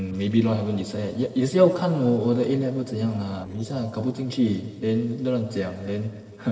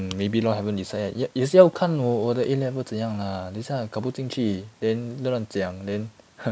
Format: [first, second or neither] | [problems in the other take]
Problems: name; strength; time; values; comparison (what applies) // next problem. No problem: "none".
second | noise reduction (neural separator model SepFormer DNS4)